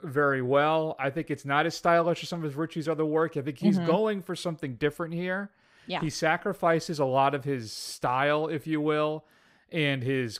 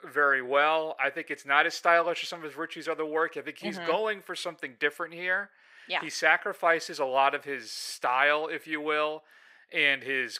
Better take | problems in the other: first | thin; very; fading below 500 Hz

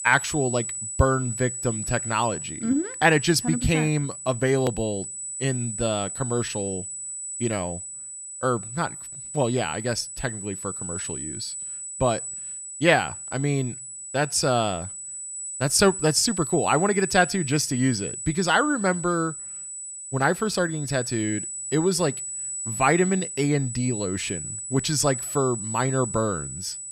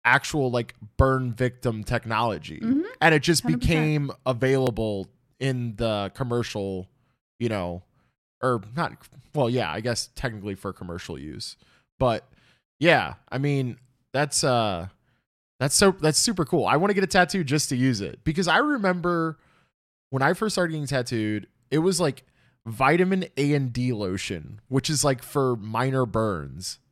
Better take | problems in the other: second | high-pitched whine; loud; throughout; 8 kHz, 7 dB below the speech

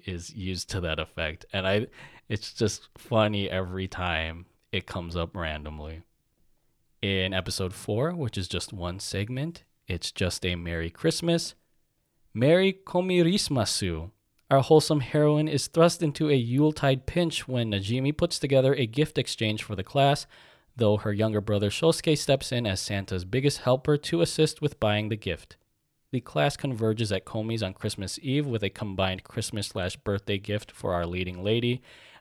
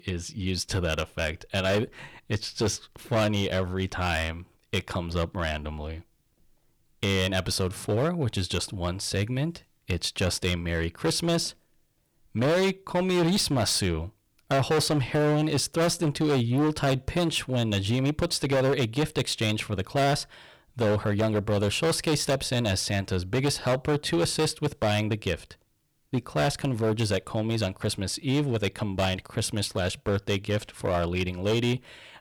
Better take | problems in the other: first | distortion; heavy; 11% of the sound clipped

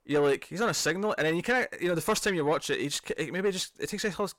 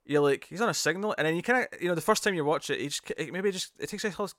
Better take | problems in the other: second | distortion; slight; 10 dB below the speech

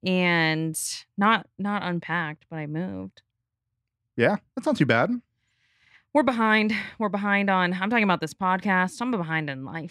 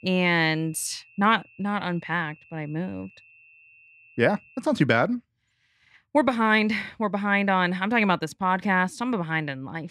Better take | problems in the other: first | high-pitched whine; faint; until 4.5 s; 2.5 kHz, 30 dB below the speech

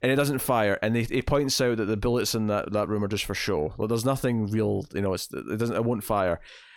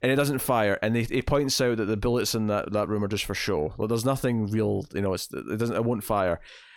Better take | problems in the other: neither | none

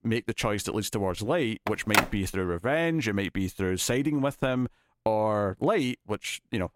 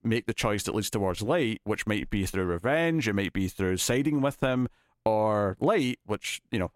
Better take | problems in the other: second | phone ringing; loud; at 1.5 s; peak 3 dB above the speech

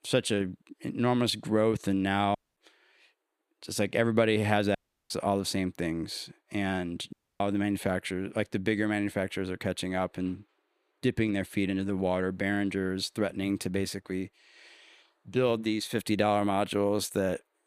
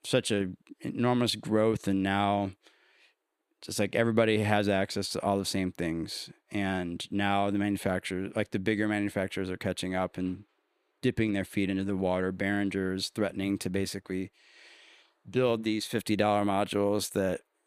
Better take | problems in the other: second | audio cutting out; at 2.5 s, at 5 s and at 7 s

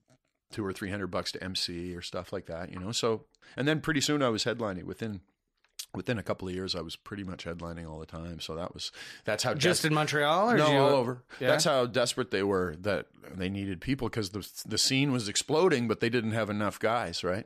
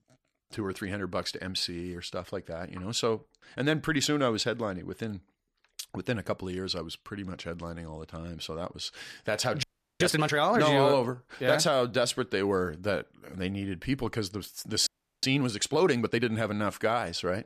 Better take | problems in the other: first | audio freezing; at 9.5 s and at 15 s

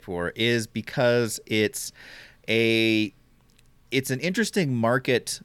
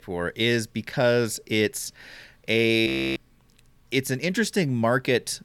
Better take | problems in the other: first | audio freezing; at 3 s

